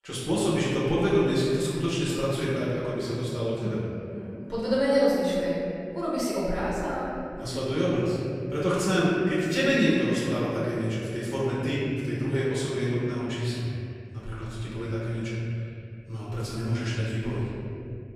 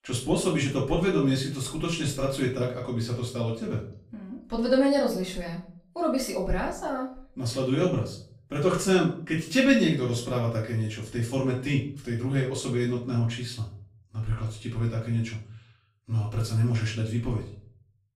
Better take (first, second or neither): second